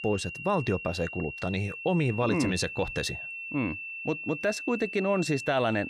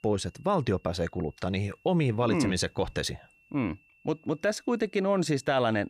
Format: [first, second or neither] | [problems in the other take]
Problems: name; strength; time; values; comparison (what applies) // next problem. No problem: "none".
second | high-pitched whine; loud; throughout; 2.5 kHz, 7 dB below the speech; faint in the second